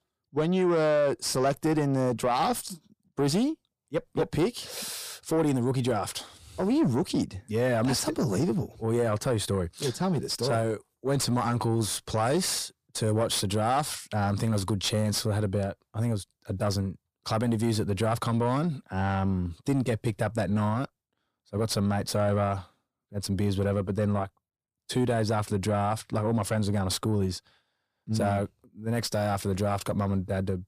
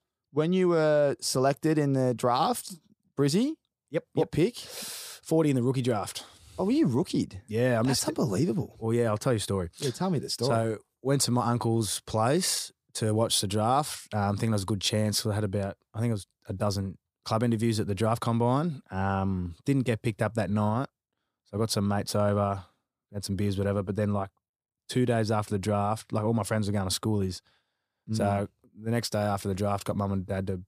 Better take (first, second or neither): second